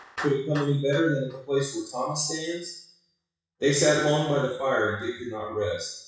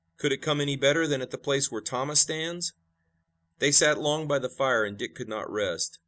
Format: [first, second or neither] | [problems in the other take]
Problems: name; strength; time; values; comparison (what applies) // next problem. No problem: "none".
second | noise reduction (classical method WPE with log-MMSE)